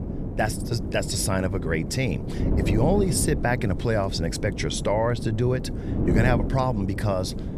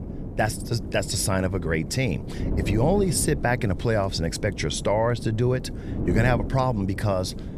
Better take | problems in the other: second | wind noise on the microphone; heavy; 9 dB below the speech; occasional gusts in the second

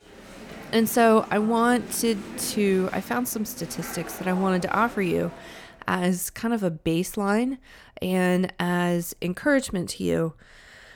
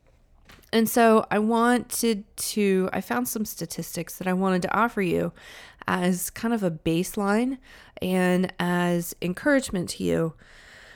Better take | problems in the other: second | crowd noise; noticeable; until 5.5 s; 15 dB below the speech

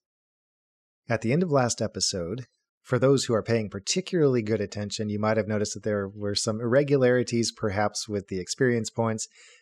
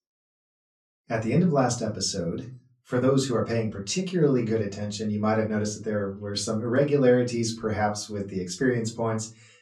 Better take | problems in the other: first | off-mic speech; far // room echo; very slight; dies away in 0.3 s

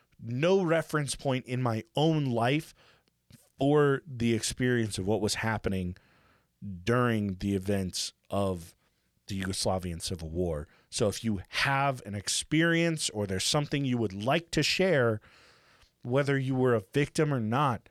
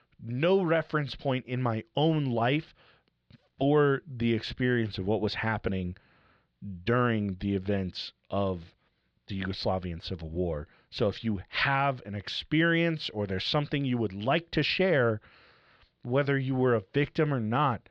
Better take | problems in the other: first | muffled; very slightly; fading above 4 kHz

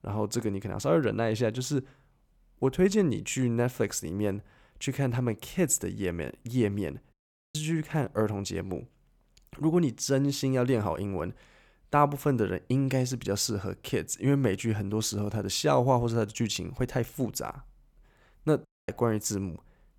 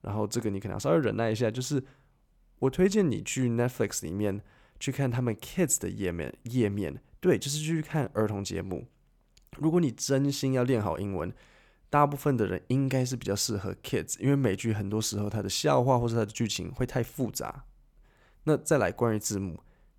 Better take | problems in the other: second | audio cutting out; at 7 s and at 19 s

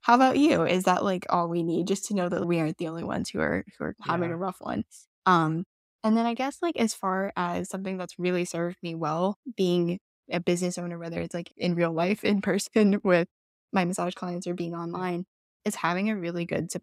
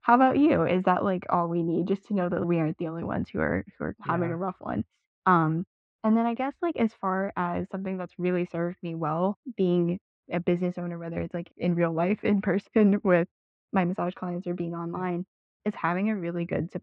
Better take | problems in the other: first | muffled; very; fading above 2.5 kHz

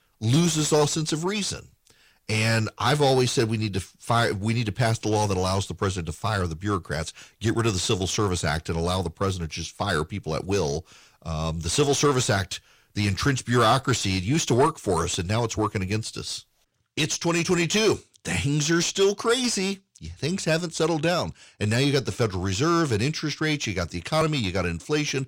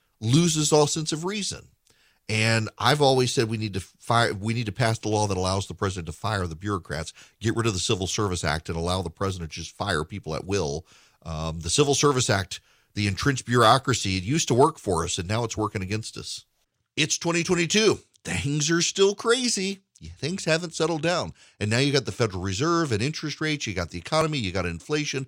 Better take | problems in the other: second | distortion; slight; 10 dB below the speech

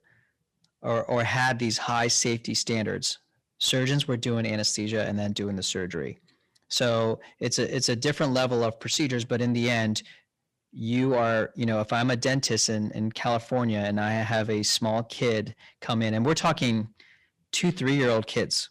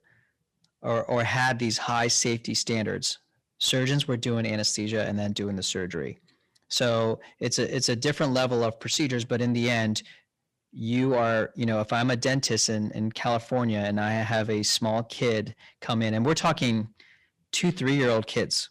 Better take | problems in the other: neither | distortion; slight; 10 dB below the speech; the same in both

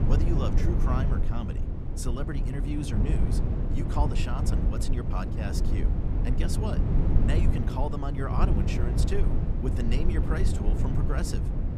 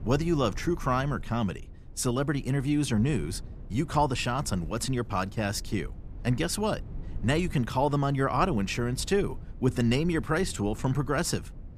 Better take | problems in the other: second | low rumble; loud; throughout; 2 dB below the speech; faint in the second

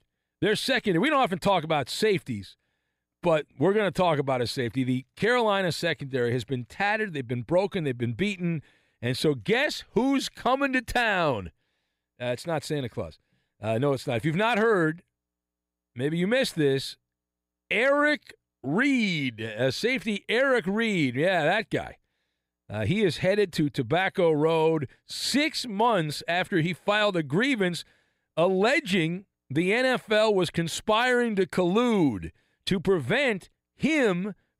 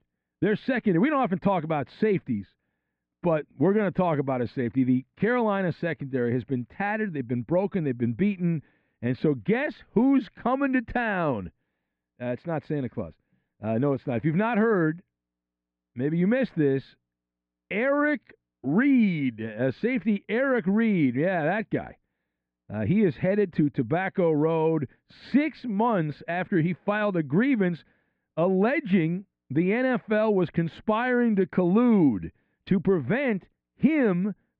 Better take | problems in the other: first | muffled; very; fading above 2 kHz

